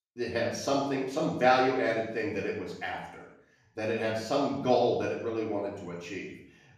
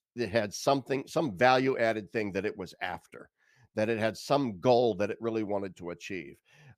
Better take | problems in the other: second | room echo; noticeable; dies away in 0.7 s // off-mic speech; far

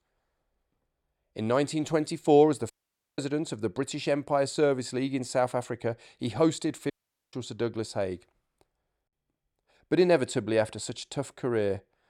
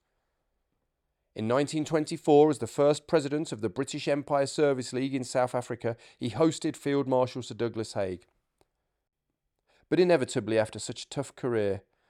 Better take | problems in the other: second | audio cutting out; at 2.5 s and at 7 s

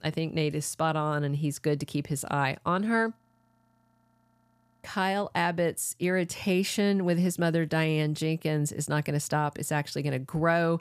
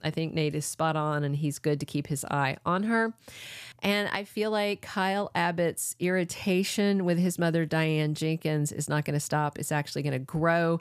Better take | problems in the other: second | audio freezing; at 3 s for 1.5 s

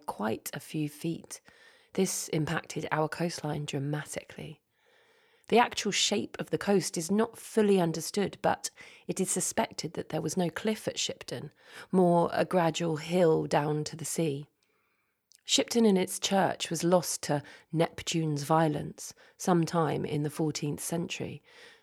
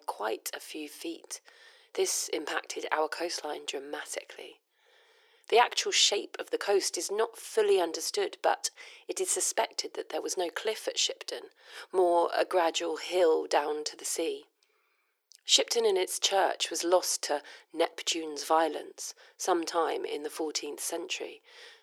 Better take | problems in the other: first | thin; very; fading below 350 Hz

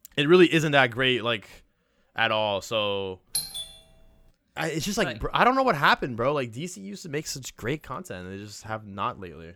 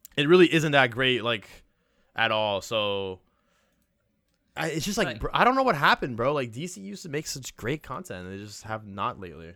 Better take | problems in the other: second | doorbell; noticeable; at 3.5 s; peak 5 dB below the speech

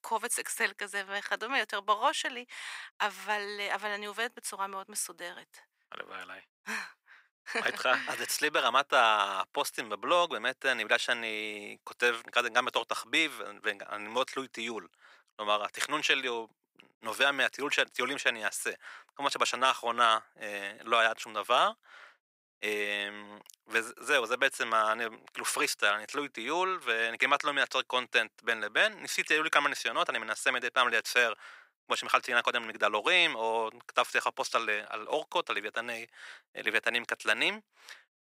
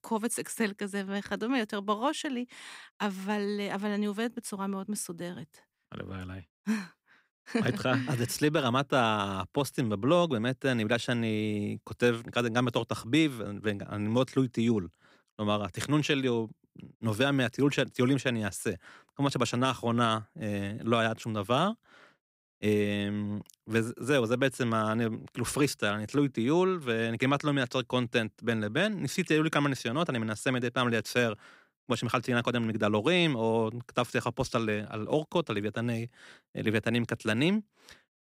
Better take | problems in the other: second | thin; very; fading below 800 Hz

